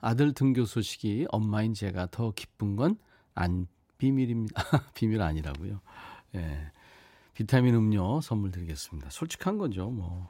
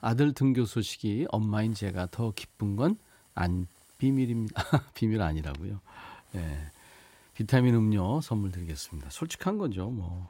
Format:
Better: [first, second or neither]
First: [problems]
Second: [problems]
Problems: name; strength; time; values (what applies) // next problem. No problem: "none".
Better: first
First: none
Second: hiss; faint; throughout; 30 dB below the speech